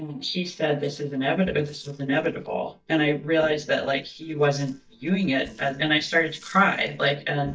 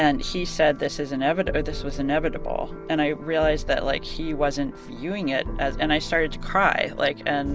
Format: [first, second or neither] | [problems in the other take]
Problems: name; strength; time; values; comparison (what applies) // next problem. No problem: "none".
second | noise reduction (neural mask model DeepFilterNet 3)